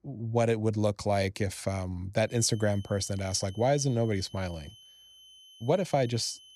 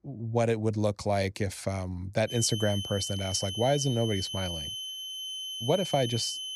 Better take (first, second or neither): first